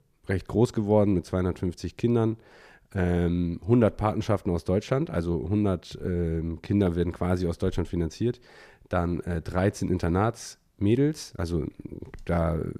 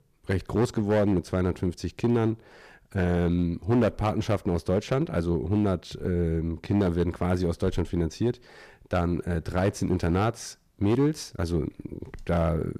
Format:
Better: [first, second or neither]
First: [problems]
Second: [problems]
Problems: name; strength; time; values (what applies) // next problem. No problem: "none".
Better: first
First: none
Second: distortion; slight; 6% of the sound clipped